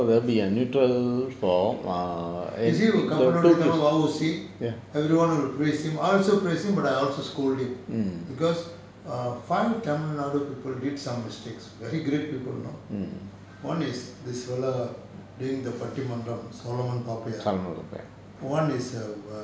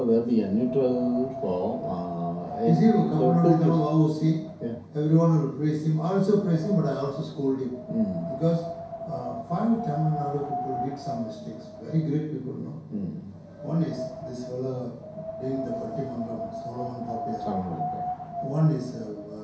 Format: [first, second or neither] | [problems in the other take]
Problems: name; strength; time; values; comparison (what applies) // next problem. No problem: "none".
first | background sound (Wind); 10 dB below the speech // room echo; dies away in 0.3 s